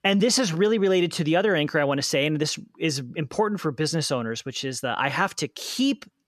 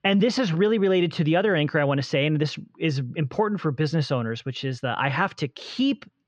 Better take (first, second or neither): first